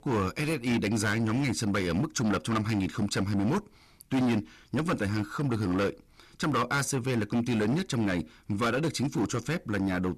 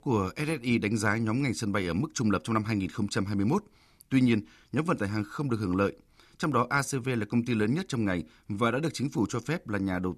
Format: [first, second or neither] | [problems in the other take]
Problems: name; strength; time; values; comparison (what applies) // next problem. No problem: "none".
second | distortion; heavy; 16% of the sound clipped